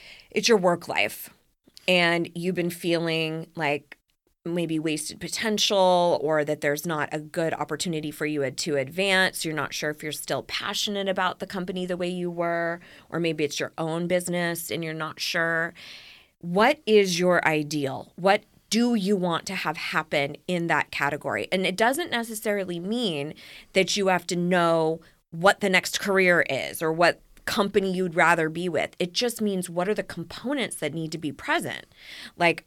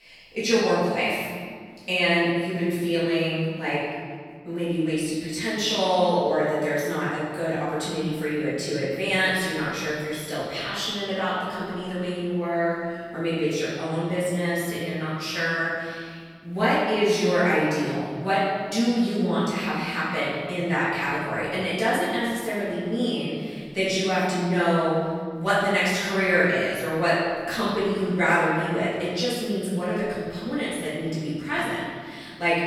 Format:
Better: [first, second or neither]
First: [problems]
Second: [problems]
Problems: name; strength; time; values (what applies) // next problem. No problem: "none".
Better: first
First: none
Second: off-mic speech; far // room echo; strong; dies away in 1.8 s